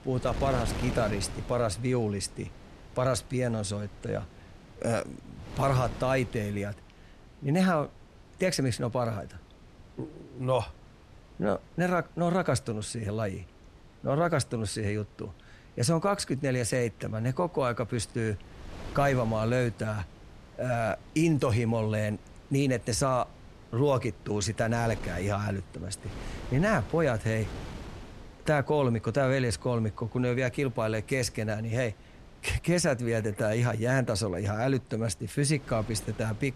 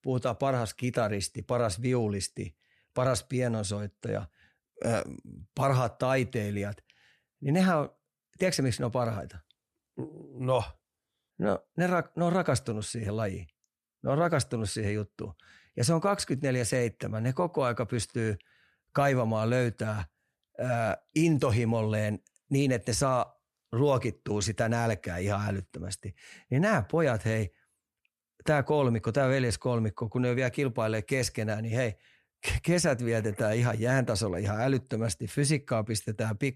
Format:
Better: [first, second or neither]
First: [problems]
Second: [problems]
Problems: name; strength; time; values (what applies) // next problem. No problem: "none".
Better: second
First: wind noise on the microphone; occasional gusts; 20 dB below the speech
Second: none